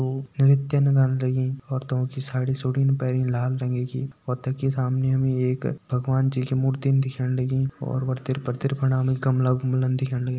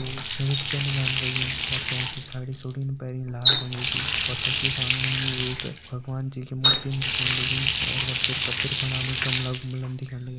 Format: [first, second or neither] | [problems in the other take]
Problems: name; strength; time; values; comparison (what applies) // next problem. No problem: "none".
first | background sound (Water tap, faucet); 4 dB above the speech